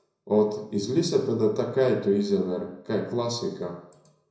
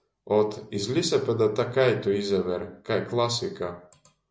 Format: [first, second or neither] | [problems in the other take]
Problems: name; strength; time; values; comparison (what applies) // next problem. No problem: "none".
second | room echo; dies away in 0.6 s